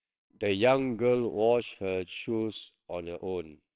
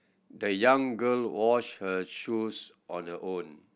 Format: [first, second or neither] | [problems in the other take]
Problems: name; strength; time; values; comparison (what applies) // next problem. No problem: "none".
second | noise reduction (neural separator model SepFormer WHAMR!)